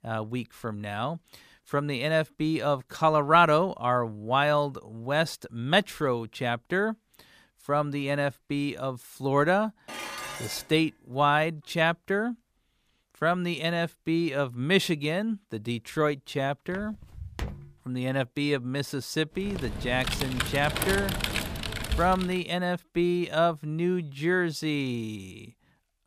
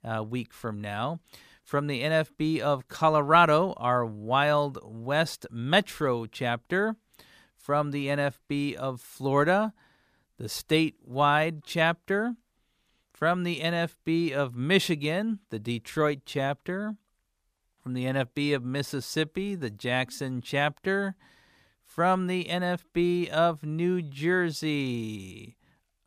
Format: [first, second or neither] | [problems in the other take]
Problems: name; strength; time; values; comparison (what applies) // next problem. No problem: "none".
second | clattering dishes; noticeable; at 10 s; peak 8 dB below the speech // footsteps; noticeable; at 17 s; peak 10 dB below the speech // keyboard typing; noticeable; from 19 to 22 s; peak 1 dB below the speech